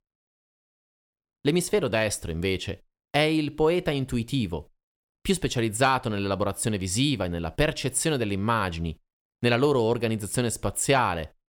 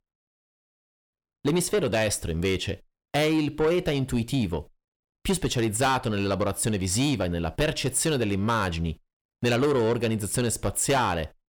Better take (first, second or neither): first